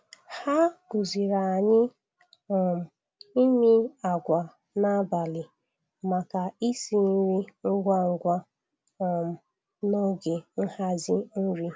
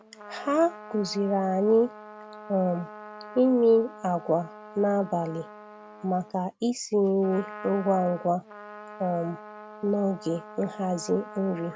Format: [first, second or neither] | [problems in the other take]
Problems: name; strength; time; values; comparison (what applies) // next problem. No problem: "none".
first | background sound (Trumpet); 17 dB below the speech